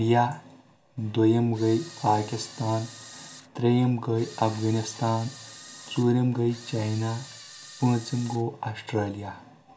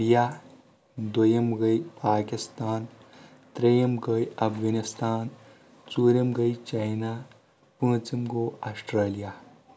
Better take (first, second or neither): second